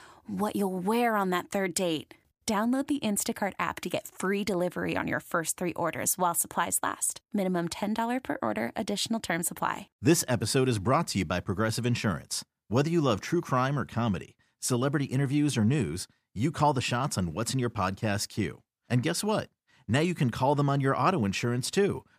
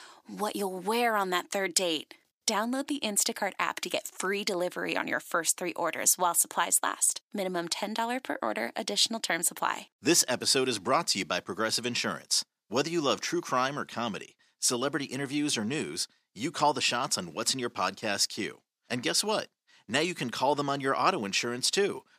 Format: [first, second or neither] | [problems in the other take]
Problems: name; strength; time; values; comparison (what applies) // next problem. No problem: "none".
first | thin; somewhat; fading below 300 Hz